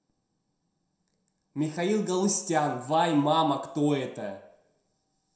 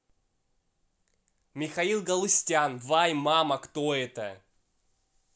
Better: second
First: room echo; dies away in 0.7 s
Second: none

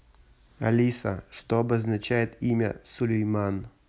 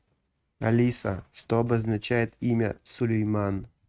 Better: first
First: none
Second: noise reduction (neural mask model RNNoise)

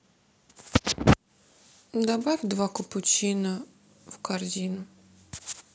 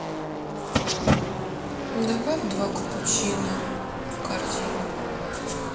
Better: first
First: none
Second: background sound (Car passing by / Race car, auto racing); 1 dB below the speech // room echo; dies away in 1 s

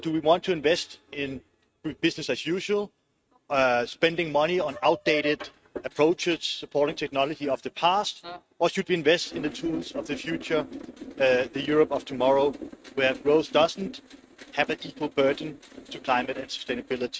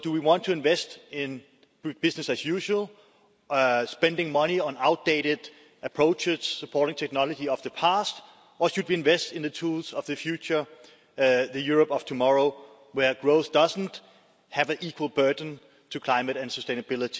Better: second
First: noise reduction (neural mask model RNNoise)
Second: none

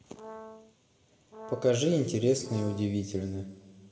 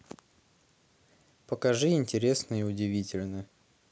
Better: second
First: background sound (Brass instrument); 18 dB below the speech // room echo; dies away in 1.7 s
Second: none

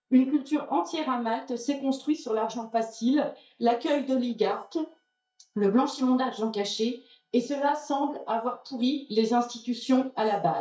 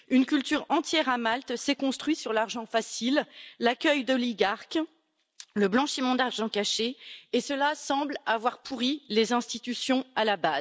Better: second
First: noise reduction (neural mask model DeepFilterNet 3)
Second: none

